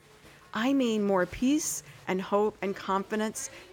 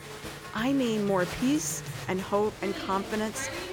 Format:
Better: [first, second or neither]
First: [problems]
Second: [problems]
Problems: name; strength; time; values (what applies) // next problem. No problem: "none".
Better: first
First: crowd noise; faint; throughout; 25 dB below the speech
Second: crowd noise; loud; throughout; 8 dB below the speech